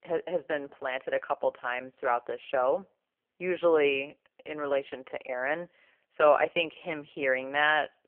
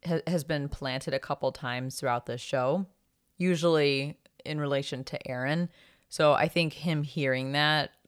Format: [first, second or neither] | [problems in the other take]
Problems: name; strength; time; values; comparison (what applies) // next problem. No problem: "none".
second | phone-call audio; poor line; nothing above 3 kHz